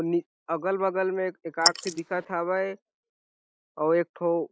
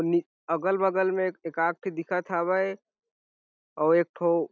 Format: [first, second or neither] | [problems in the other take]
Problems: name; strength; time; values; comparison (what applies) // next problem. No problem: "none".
second | noise reduction (neural mask model Resemble Enhance denoiser)